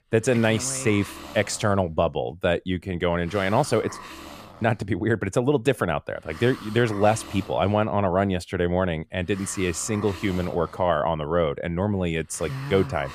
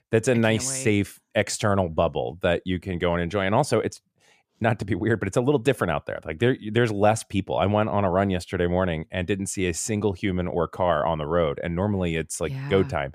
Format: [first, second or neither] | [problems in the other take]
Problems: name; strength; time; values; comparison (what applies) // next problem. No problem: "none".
second | hiss; noticeable; throughout; 15 dB below the speech